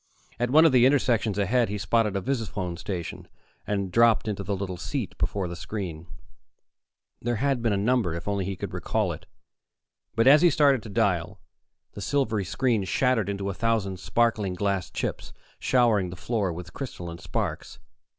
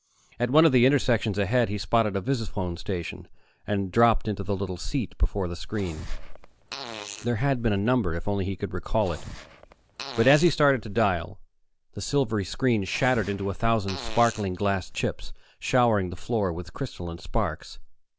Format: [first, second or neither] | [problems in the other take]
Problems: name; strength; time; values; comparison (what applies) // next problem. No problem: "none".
first | background sound (Fart); 16 dB below the speech